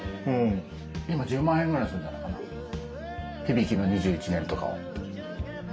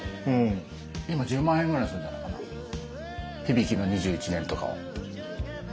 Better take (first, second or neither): second